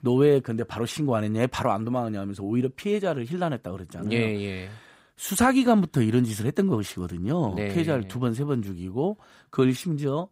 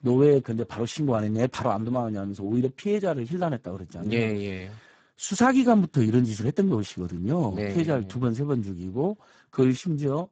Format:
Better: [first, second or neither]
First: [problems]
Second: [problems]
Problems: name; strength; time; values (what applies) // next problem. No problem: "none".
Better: first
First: none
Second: garbled, watery; badly; nothing above 7.5 kHz